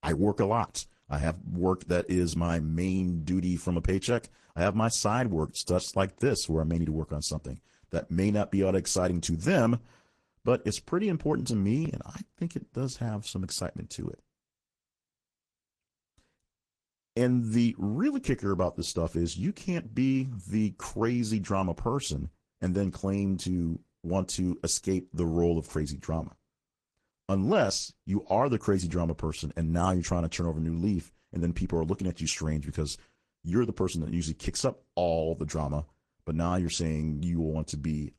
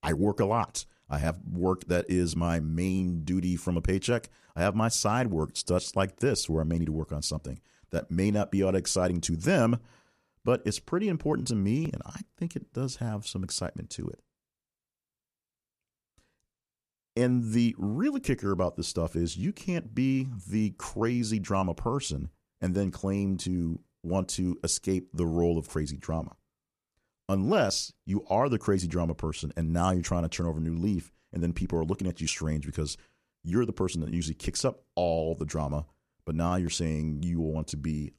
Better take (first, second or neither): second